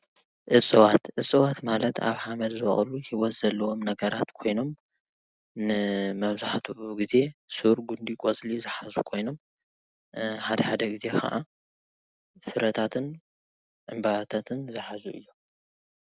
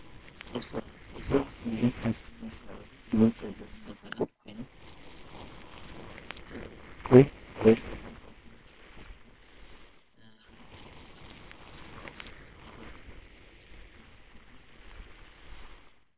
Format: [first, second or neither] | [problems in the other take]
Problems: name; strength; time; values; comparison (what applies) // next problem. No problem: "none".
first | noise reduction (neural separator model SepFormer WHAMR!)